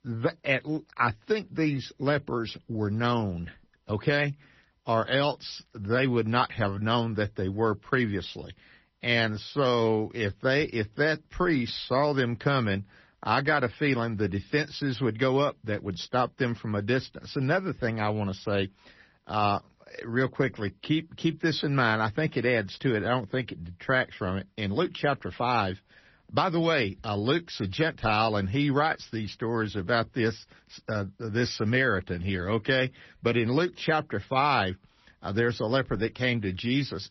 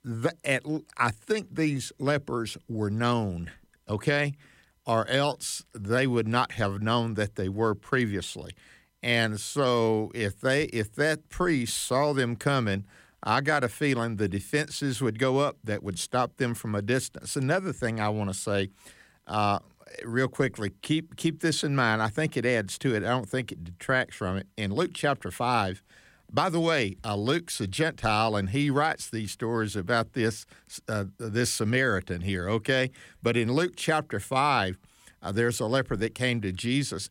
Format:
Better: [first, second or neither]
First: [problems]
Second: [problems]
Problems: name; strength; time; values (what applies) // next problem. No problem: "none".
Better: second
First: garbled, watery; slightly; nothing above 6 kHz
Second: none